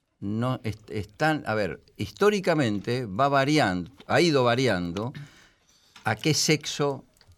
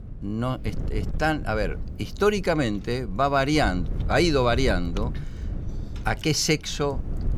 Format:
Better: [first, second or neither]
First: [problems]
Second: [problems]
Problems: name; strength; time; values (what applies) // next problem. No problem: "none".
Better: first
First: none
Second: wind noise on the microphone; occasional gusts; 20 dB below the speech